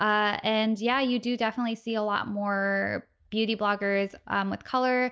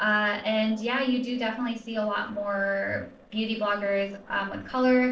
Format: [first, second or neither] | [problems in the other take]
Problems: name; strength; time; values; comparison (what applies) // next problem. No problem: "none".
first | noise reduction (neural separator model SepFormer DNS4)